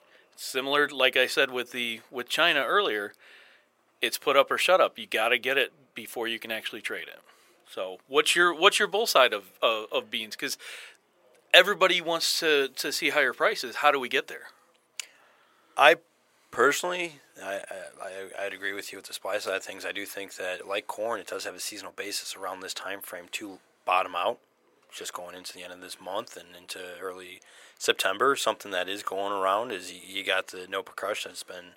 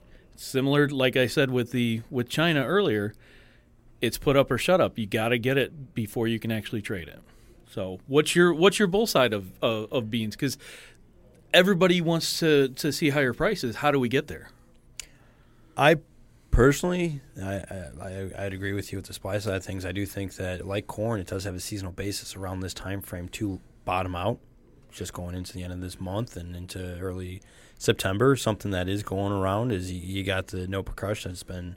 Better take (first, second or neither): second